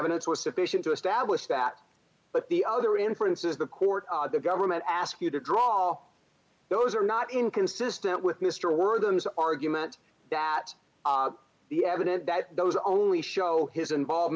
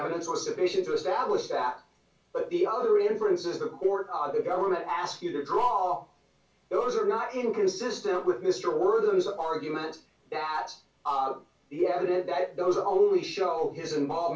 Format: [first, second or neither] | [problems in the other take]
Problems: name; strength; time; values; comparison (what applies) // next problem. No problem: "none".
first | room echo; dies away in 0.2 s